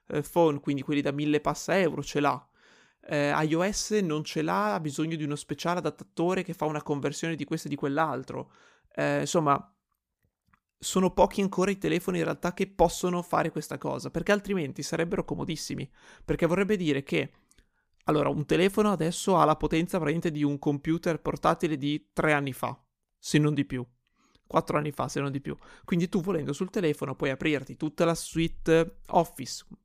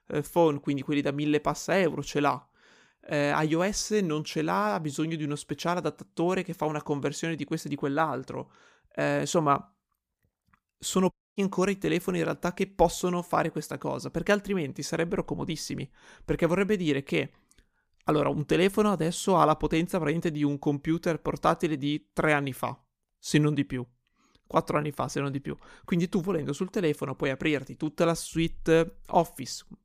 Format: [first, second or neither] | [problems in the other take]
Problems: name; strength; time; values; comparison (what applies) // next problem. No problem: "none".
first | audio cutting out; at 11 s